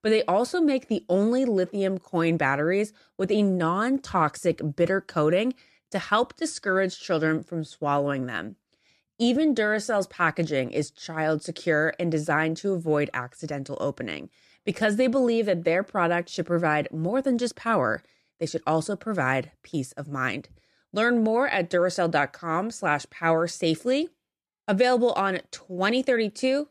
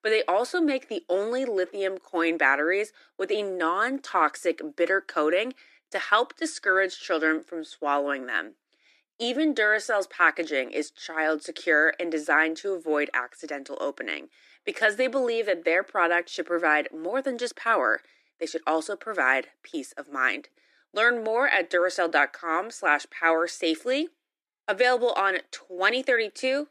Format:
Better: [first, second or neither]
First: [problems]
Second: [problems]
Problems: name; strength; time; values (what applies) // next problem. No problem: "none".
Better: first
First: none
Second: thin; somewhat; fading below 300 Hz